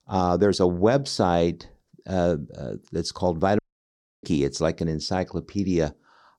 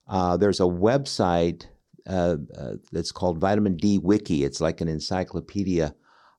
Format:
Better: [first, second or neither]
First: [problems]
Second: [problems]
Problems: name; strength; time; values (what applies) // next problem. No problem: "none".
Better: second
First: audio cutting out; at 3.5 s for 0.5 s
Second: none